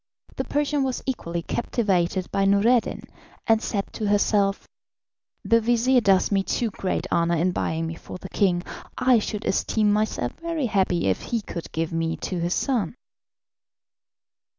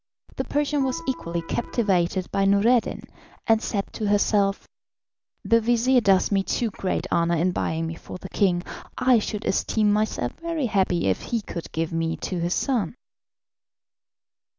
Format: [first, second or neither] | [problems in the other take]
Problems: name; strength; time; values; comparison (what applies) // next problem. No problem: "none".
first | background sound (Electric guitar); 16 dB below the speech